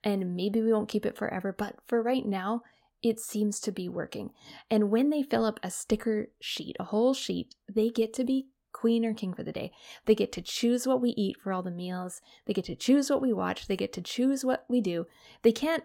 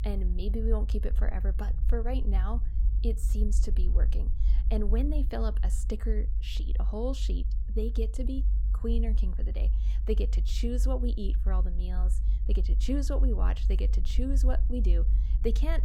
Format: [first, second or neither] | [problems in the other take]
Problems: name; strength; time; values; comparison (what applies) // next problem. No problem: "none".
first | low rumble; noticeable; throughout; 10 dB below the speech